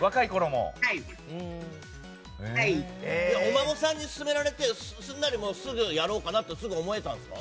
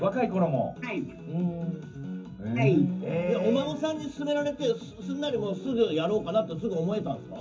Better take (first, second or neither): first